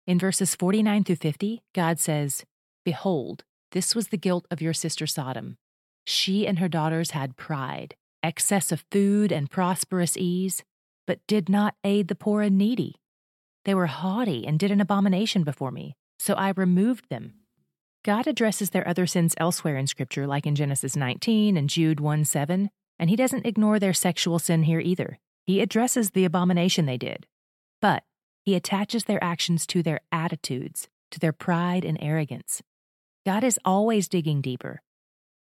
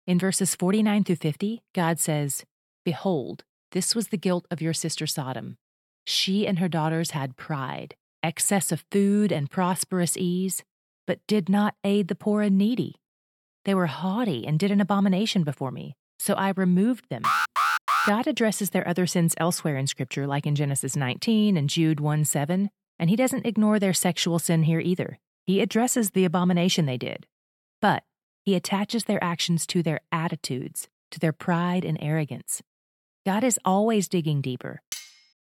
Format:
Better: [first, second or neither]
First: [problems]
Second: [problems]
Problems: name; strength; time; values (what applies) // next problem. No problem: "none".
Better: first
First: none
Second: alarm; loud; at 17 s; peak 3 dB above the speech // clattering dishes; faint; at 35 s; peak 10 dB below the speech